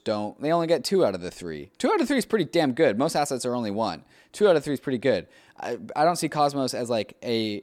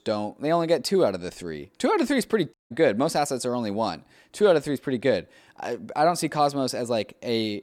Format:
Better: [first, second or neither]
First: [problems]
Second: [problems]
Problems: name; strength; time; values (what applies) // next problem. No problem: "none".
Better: first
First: none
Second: audio cutting out; at 2.5 s